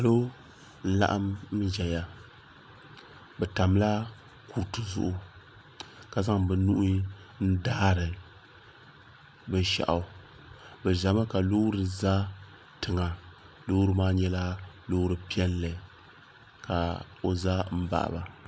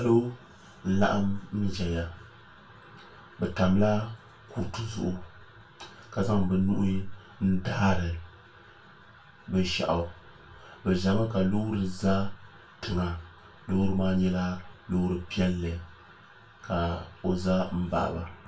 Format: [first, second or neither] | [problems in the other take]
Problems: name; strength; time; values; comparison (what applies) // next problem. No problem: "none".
first | room echo; dies away in 0.2 s